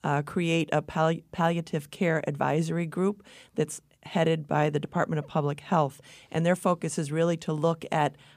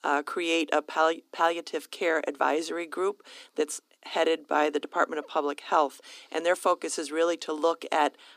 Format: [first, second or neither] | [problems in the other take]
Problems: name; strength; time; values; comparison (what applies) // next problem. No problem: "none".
first | thin; somewhat; fading below 250 Hz